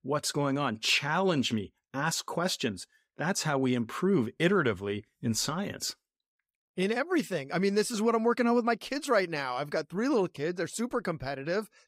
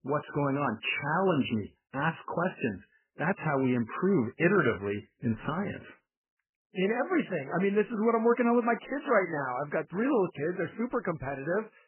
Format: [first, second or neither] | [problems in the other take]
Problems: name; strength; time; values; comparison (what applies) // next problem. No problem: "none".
first | garbled, watery; badly; nothing above 3 kHz